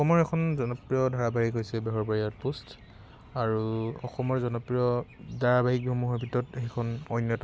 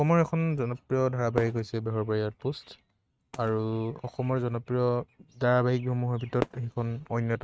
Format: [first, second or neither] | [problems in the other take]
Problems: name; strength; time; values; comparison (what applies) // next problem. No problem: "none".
first | noise reduction (neural mask model RNNoise)